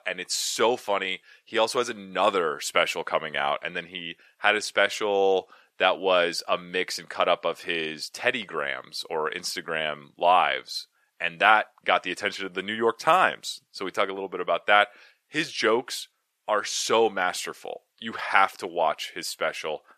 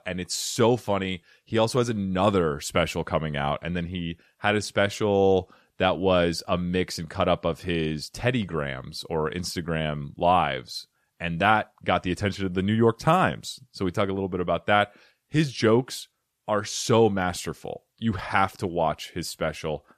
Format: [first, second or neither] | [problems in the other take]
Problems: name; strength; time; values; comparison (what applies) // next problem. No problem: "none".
second | thin; very; fading below 450 Hz